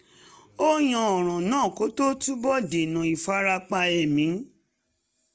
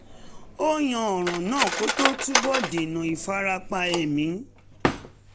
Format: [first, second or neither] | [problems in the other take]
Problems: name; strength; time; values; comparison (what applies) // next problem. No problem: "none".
first | background sound (Cutlery, silverware); 3 dB below the speech